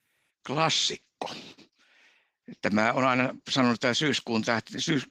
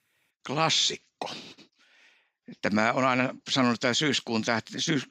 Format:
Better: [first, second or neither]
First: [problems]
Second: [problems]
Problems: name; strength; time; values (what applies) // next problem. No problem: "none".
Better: second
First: garbled, watery; slightly; nothing above 15.5 kHz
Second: none